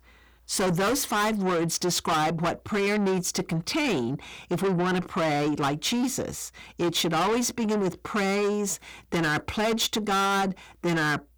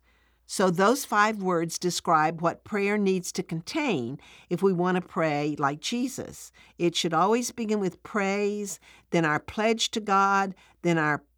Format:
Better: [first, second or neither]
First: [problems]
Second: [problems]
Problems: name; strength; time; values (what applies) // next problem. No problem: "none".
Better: second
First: distortion; heavy; 6 dB below the speech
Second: none